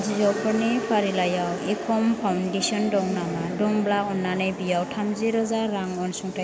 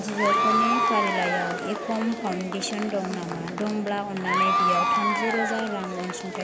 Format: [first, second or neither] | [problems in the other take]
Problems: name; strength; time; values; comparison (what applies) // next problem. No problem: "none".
first | background sound (Applause / Crowd / Cheering); 2 dB above the speech